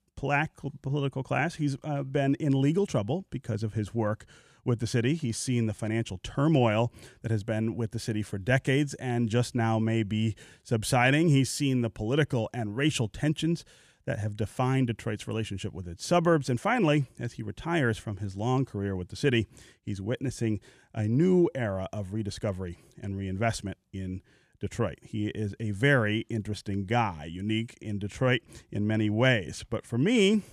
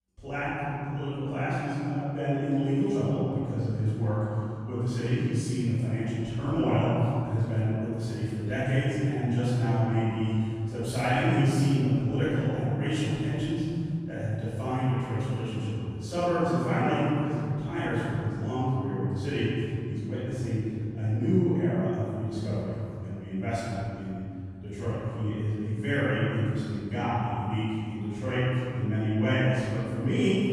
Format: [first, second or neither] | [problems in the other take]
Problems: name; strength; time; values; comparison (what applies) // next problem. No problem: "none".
first | off-mic speech; far // room echo; strong; dies away in 2.9 s